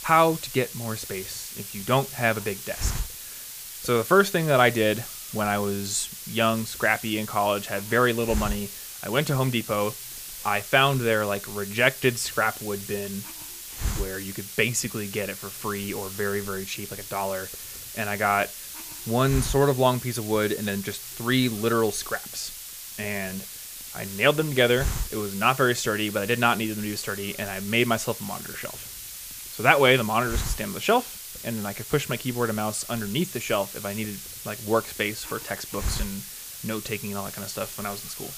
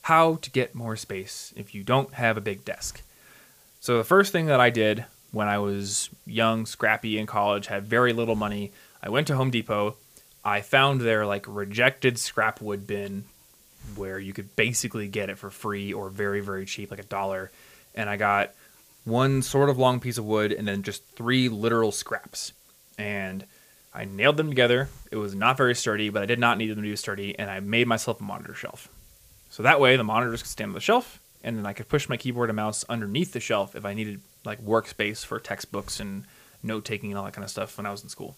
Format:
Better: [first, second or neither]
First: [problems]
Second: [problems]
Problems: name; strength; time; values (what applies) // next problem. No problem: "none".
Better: second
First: hiss; loud; throughout; 9 dB below the speech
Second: hiss; faint; throughout; 25 dB below the speech